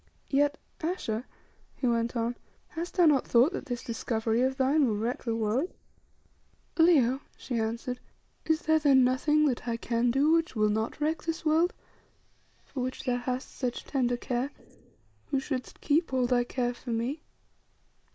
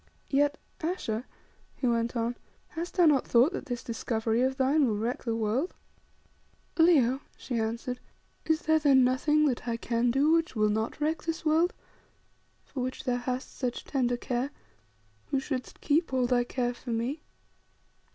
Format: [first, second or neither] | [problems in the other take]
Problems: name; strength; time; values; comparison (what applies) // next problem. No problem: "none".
second | noise reduction (neural mask model Resemble Enhance denoiser)